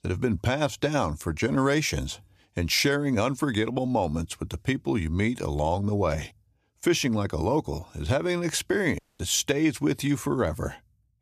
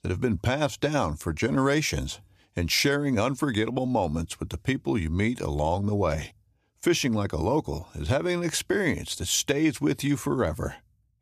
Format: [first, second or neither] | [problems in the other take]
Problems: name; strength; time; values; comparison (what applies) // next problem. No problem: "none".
second | audio cutting out; at 9 s